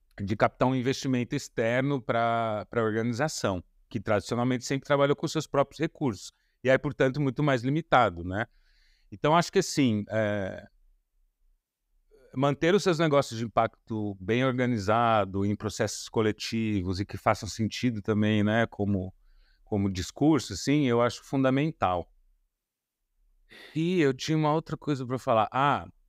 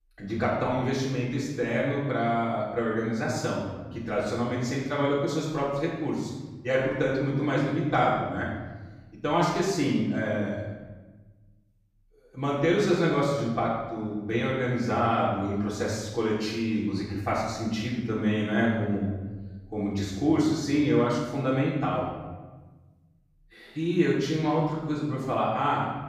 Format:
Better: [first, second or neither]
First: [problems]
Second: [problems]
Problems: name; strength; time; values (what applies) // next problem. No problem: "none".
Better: first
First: none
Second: room echo; noticeable; dies away in 1.1 s // off-mic speech; far